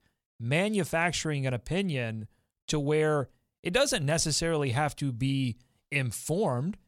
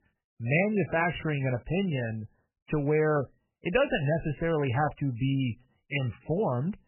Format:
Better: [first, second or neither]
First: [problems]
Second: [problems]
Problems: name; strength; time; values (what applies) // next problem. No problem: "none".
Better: first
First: none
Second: garbled, watery; badly; nothing above 3 kHz